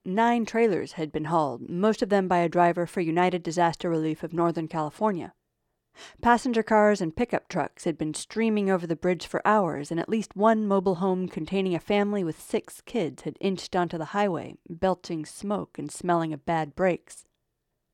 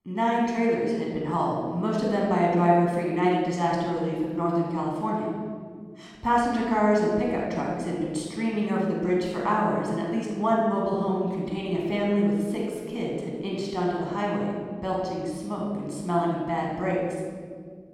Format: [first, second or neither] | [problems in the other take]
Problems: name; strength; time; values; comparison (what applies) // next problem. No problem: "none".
first | off-mic speech; somewhat distant // room echo; noticeable; dies away in 1.8 s